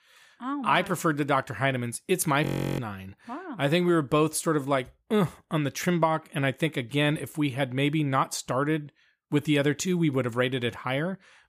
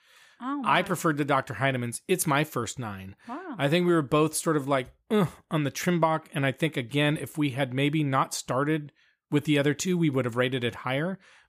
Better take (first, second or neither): second